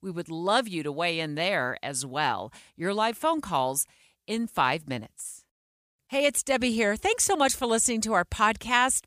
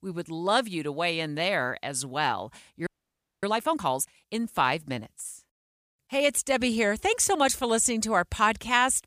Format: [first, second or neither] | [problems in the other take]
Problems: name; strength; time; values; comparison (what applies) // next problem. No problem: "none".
first | audio freezing; at 3 s for 0.5 s